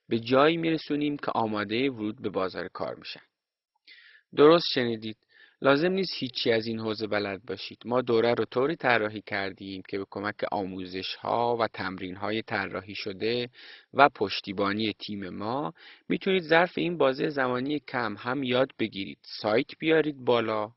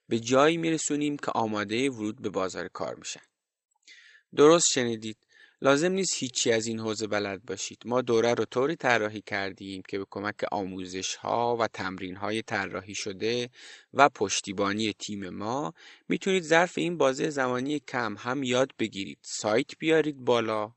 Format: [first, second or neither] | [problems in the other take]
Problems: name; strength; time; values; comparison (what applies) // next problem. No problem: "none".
second | garbled, watery; badly; nothing above 5.5 kHz; slightly in the second